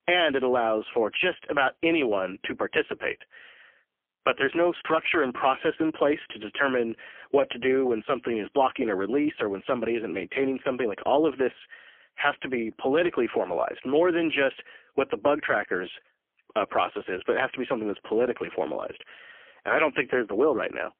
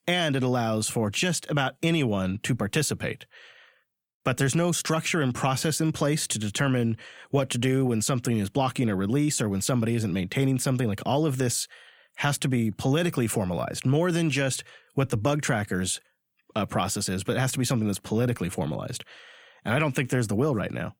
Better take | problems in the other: second | phone-call audio; poor line; nothing above 3 kHz

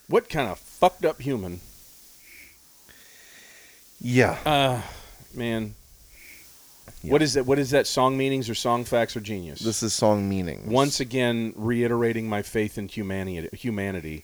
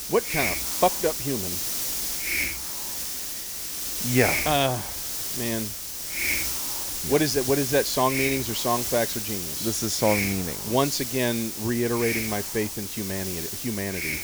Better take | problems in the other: first | hiss; loud; throughout; 1 dB below the speech; faint in the first

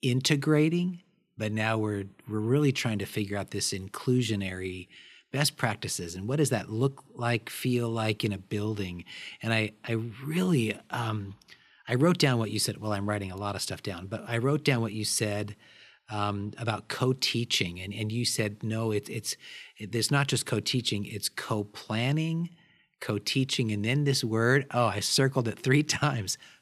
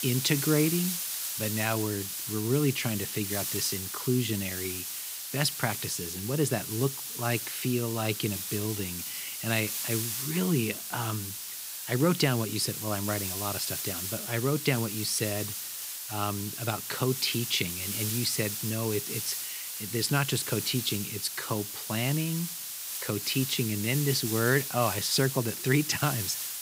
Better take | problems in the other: first | hiss; loud; throughout; 3 dB below the speech

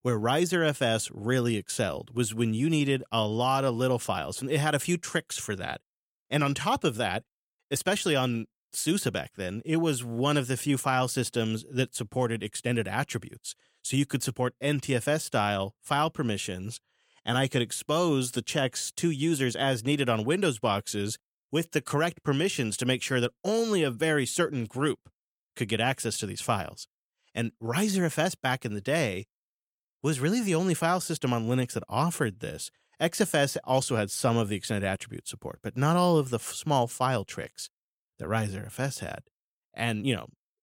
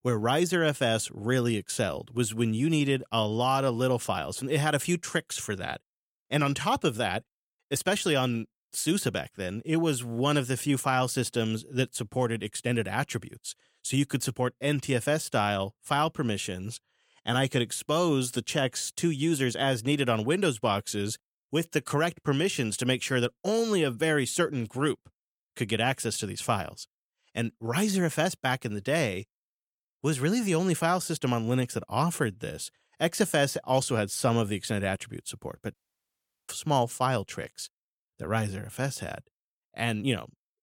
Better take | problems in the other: first | audio cutting out; at 36 s for 0.5 s

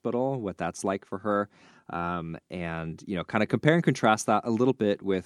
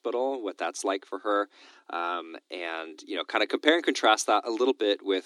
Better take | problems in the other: first | thin; somewhat; fading below 300 Hz

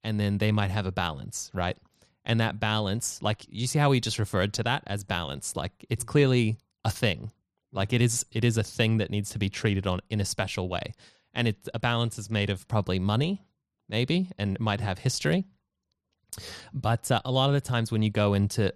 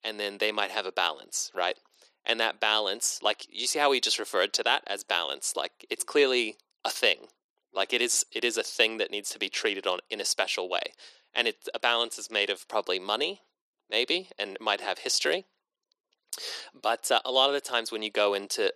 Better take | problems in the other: first | thin; very; fading below 350 Hz

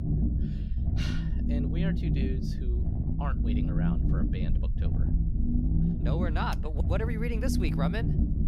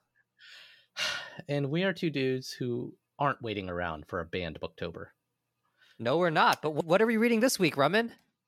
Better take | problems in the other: second | low rumble; loud; throughout; 1 dB below the speech

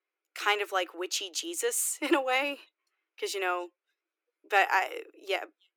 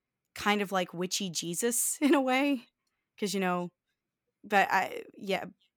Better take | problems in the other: second | thin; very; fading below 300 Hz

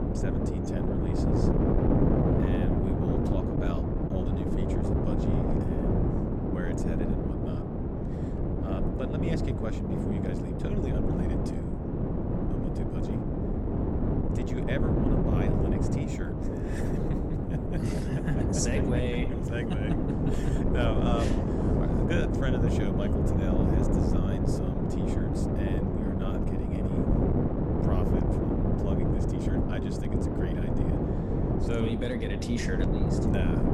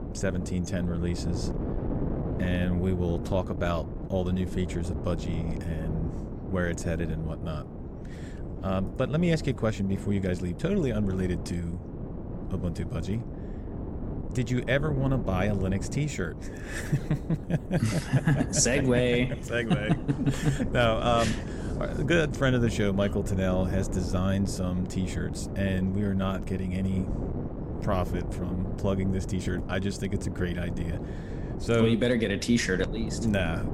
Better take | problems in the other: second | wind noise on the microphone; heavy; 5 dB above the speech; occasional gusts in the second

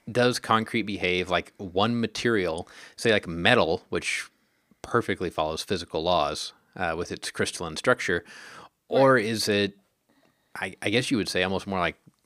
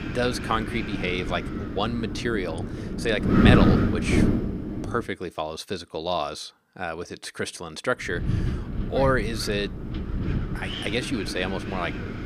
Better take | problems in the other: first | wind noise on the microphone; heavy; until 5 s and from 8 s on; 4 dB below the speech

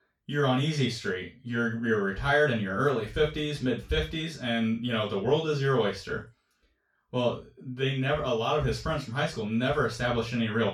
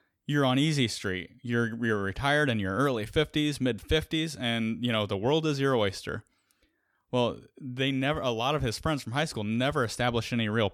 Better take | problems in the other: second | room echo; slight; dies away in 0.2 s // off-mic speech; far

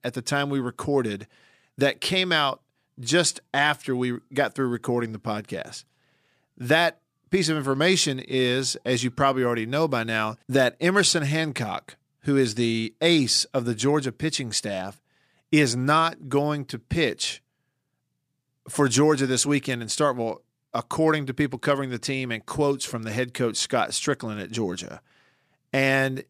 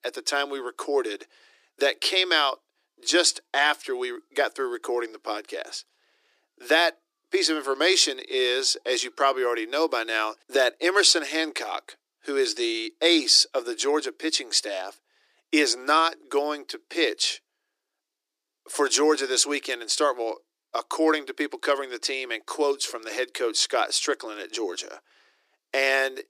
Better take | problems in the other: first | thin; somewhat; fading below 300 Hz

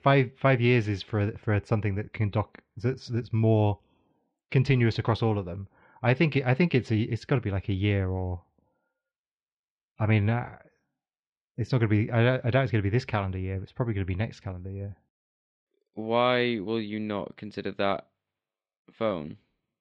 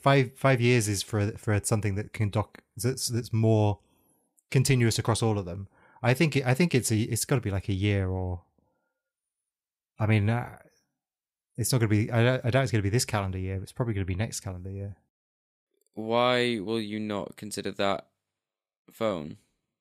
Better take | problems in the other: second | muffled; slightly; fading above 3.5 kHz

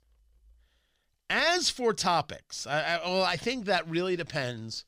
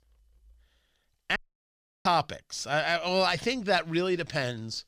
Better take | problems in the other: first | audio cutting out; at 1.5 s for 0.5 s

